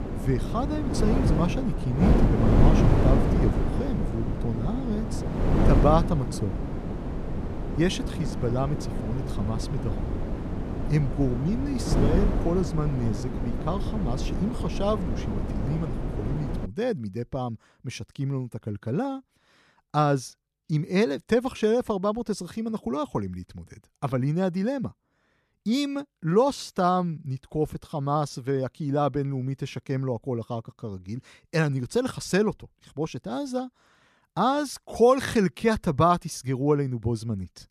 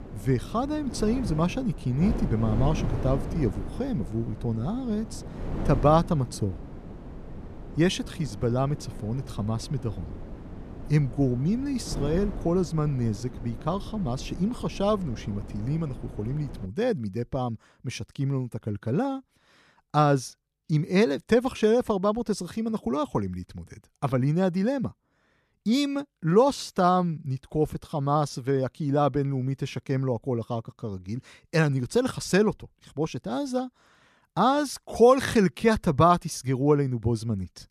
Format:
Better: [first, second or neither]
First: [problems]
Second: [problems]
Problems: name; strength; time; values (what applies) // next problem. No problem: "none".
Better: second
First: wind noise on the microphone; heavy; until 17 s; 5 dB below the speech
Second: wind noise on the microphone; occasional gusts; until 17 s; 15 dB below the speech